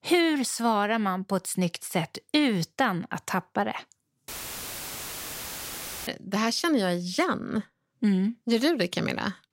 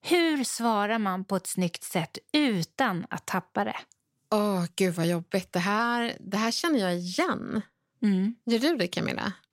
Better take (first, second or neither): second